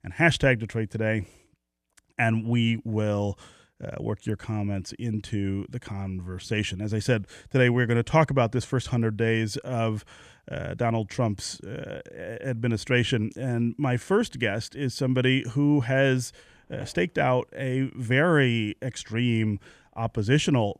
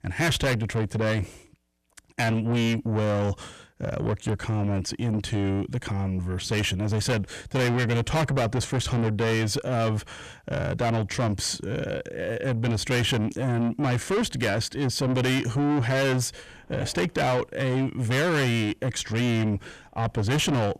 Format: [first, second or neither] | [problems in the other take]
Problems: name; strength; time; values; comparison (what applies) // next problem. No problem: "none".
first | distortion; heavy; 6 dB below the speech